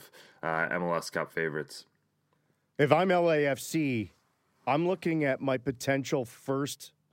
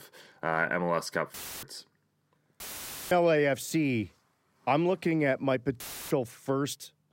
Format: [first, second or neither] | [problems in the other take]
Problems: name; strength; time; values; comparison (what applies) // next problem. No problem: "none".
first | audio cutting out; filled with static; at 1.5 s, at 2.5 s for 0.5 s and at 6 s